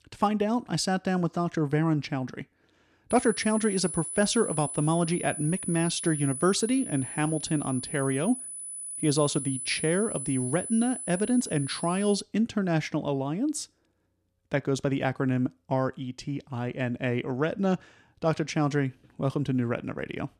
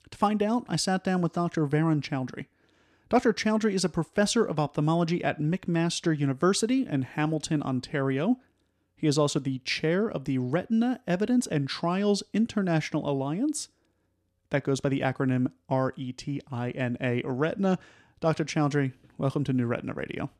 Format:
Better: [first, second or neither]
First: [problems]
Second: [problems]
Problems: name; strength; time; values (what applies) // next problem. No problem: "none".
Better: second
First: high-pitched whine; loud; from 3 to 12 s; 10 kHz, 6 dB below the speech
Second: none